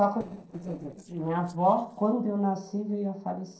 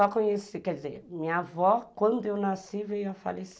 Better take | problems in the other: second | noise reduction (neural separator model SepFormer DNS4)

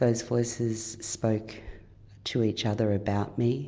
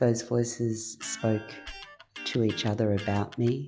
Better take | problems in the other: first | noise reduction (classical method log-MMSE)

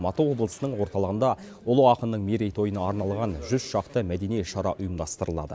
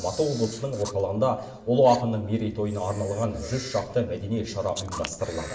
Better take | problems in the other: first | background sound (Camera); 17 dB below the speech // room echo; dies away in 0.7 s

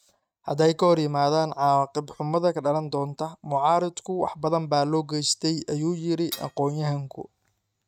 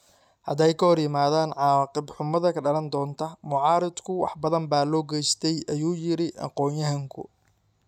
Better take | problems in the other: second | noise reduction (neural mask model RNNoise)

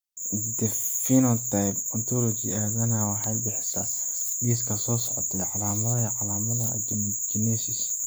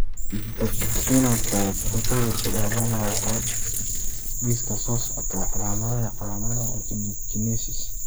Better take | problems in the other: first | noise reduction (neural mask model Resemble Enhance denoiser)

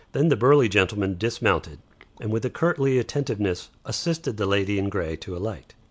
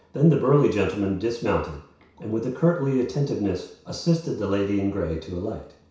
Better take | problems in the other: first | room echo; dies away in 0.6 s

